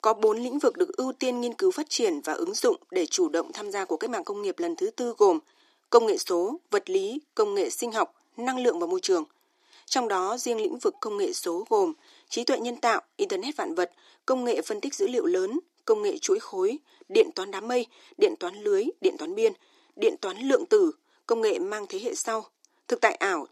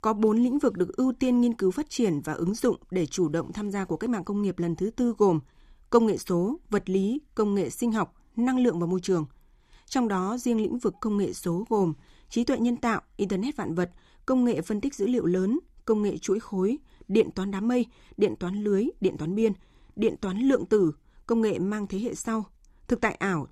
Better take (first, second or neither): second